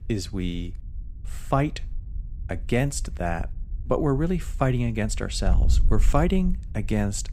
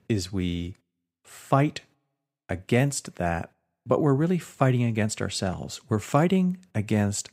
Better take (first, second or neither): second